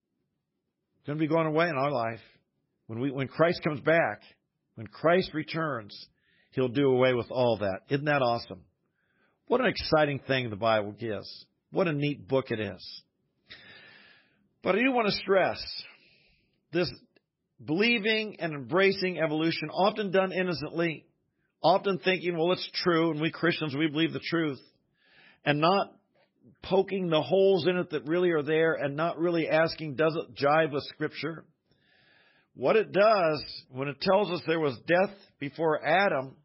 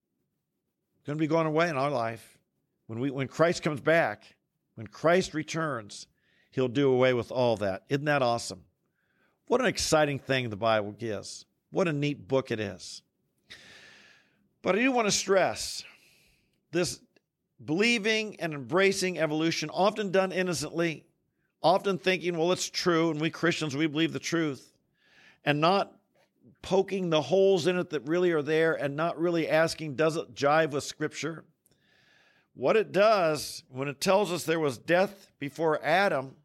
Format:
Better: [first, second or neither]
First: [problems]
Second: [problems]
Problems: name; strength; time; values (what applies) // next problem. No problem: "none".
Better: second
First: garbled, watery; badly; nothing above 5.5 kHz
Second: none